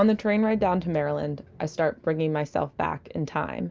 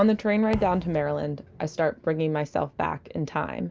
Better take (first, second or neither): first